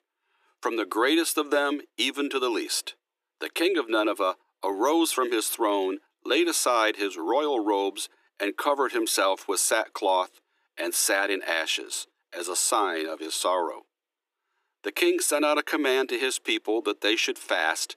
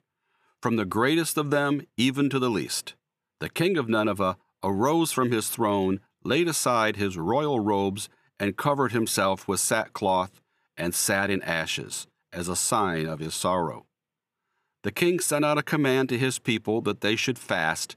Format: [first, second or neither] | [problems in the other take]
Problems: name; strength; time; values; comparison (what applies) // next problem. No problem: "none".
second | thin; somewhat; fading below 300 Hz